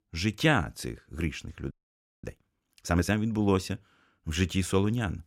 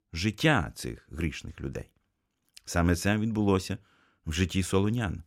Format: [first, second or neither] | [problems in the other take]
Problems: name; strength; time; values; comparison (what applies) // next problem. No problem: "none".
second | audio freezing; at 1.5 s for 0.5 s